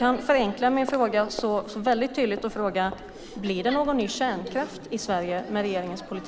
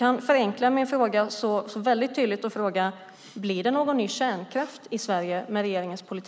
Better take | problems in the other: second | background sound (Crowd); 13 dB below the speech

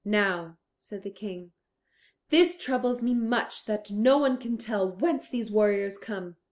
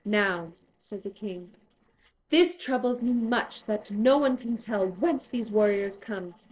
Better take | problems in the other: first | noise reduction (neural separator model SepFormer DNS4)

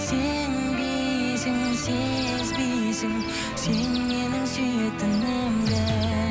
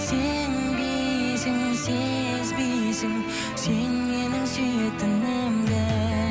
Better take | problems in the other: second | background sound (Chirp, tweet); 12 dB below the speech

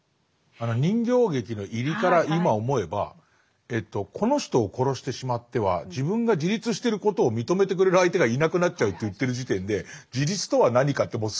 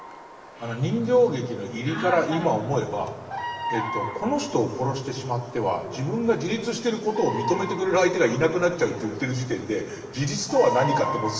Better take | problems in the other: first | background sound (Bird vocalization, bird call, bird song); 10 dB below the speech // room echo; dies away in 2.2 s

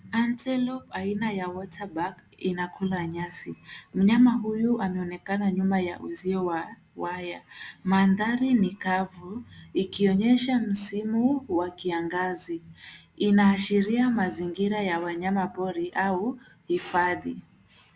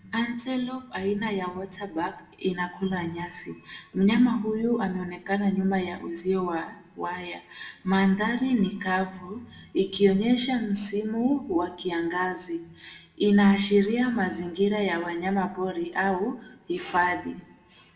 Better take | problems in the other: first | room echo; dies away in 0.6 s

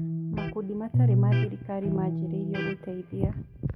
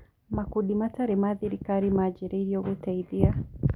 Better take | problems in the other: second | background sound (Electric guitar); 5 dB above the speech

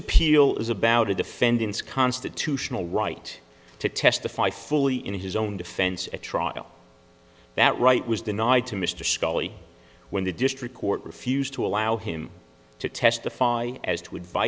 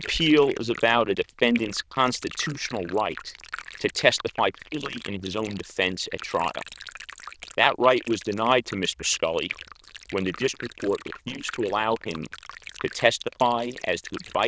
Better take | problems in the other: first | noise reduction (neural diffusion model UNIVERSE++)

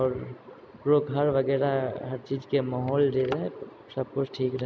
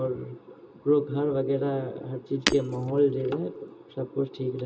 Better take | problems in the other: first | background sound (Shatter); 6 dB below the speech // room echo; dies away in 0.2 s

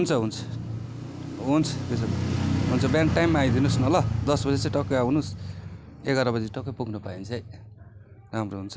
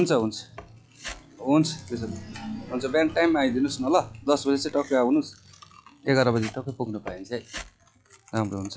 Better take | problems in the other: first | noise reduction (classical method log-MMSE)

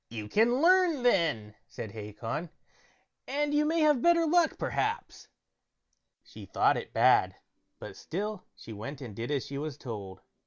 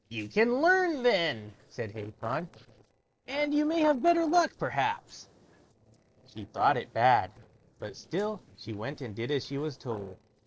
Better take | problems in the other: first | noise reduction (neural separator model SepFormer DNS4)

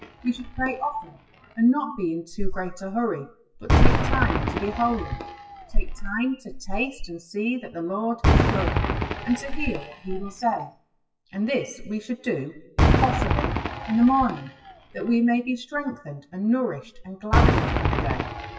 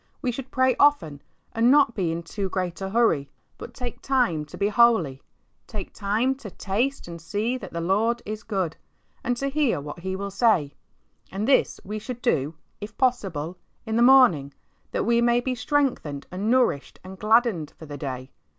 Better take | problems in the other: second | noise reduction (classical method WPE with log-MMSE)

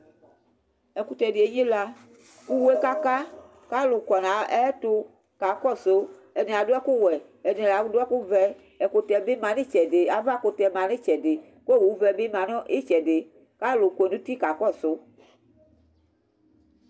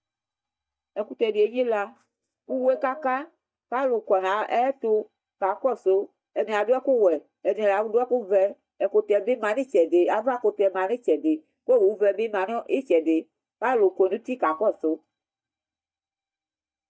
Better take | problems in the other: first | noise reduction (neural mask model DeepFilterNet 3)

